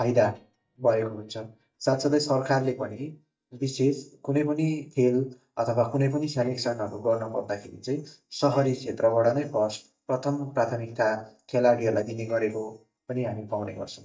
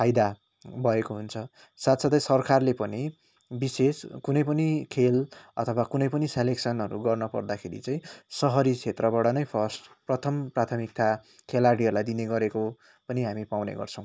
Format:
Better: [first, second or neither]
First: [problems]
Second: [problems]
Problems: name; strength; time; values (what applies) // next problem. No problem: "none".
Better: second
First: noise reduction (neural mask model DeepFilterNet 3)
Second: none